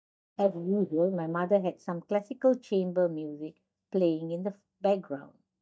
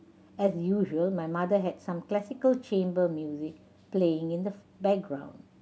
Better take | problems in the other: second | noise reduction (neural mask model DeepFilterNet 3)

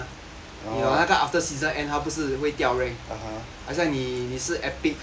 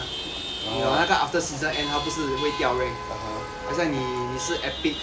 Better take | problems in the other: first | background sound (Chatter / Traffic noise, roadway noise / Vehicle horn, car horn, honking / Engine); 6 dB below the speech

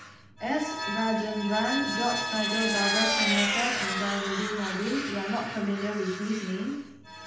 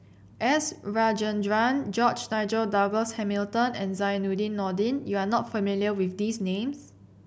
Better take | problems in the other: second | background sound (Vehicle); 1 dB below the speech // room echo; dies away in 0.8 s

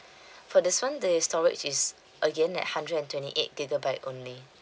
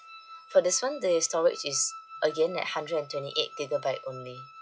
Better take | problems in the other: first | noise reduction (classical method log-MMSE)

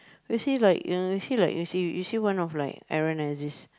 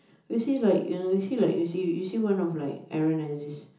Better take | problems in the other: first | room echo; dies away in 0.6 s

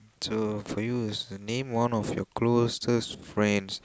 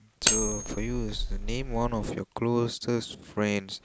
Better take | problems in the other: first | background sound (Cutlery, silverware); 1 dB above the speech

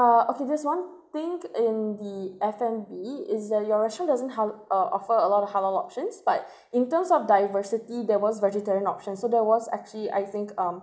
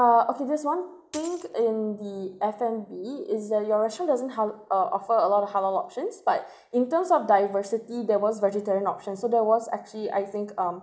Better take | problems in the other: first | background sound (Coin (dropping)); 19 dB below the speech

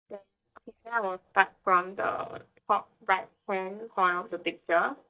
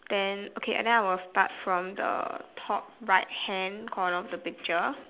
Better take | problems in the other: second | noise reduction (neural mask model DeepFilterNet 3)

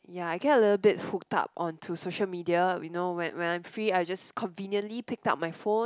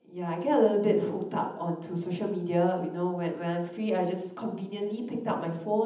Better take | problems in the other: first | room echo; dies away in 0.8 s

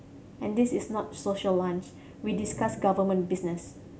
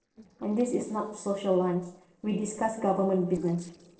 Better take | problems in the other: first | noise reduction (neural separator model SepFormer DNS4)

